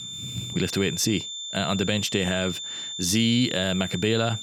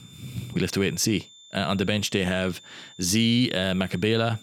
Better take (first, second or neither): second